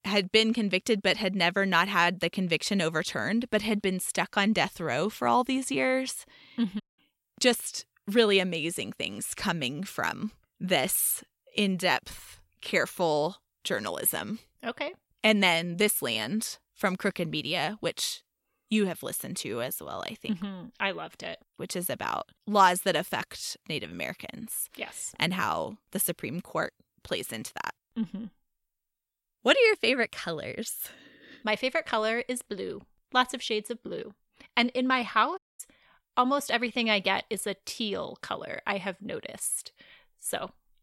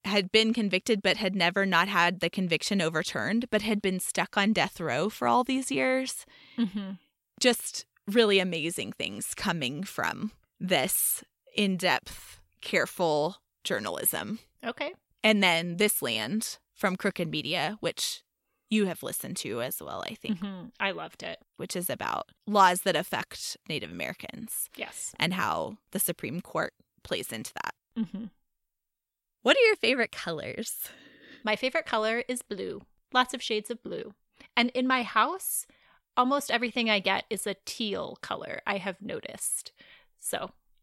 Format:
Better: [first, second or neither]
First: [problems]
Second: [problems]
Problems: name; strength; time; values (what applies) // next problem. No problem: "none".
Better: second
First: audio cutting out; at 7 s and at 35 s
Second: none